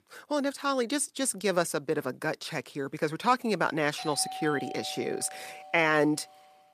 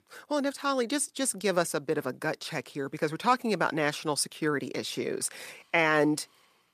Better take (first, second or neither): second